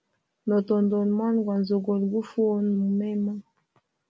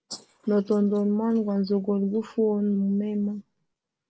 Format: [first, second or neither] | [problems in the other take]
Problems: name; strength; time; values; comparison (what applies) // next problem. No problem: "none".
first | noise reduction (neural mask model Resemble Enhance denoiser)